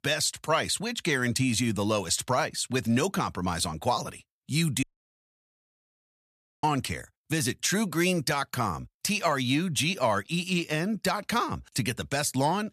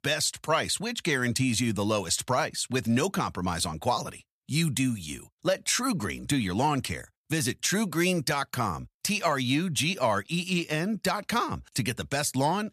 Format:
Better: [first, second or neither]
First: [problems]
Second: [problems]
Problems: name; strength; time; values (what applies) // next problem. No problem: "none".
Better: second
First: audio cutting out; at 5 s for 2 s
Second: none